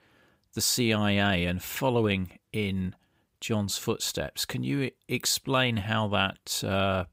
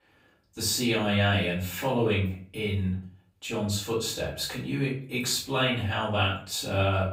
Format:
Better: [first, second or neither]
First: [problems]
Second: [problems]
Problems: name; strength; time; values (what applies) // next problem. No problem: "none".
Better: first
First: none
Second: off-mic speech; far // room echo; slight; dies away in 0.4 s